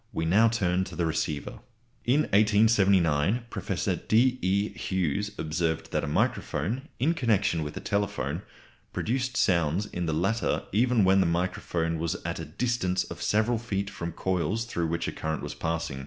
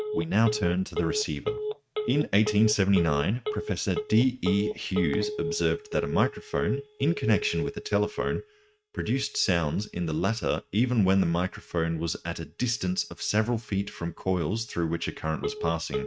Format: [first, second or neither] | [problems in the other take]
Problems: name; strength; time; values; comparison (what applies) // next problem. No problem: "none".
first | noise reduction (neural mask model RNNoise)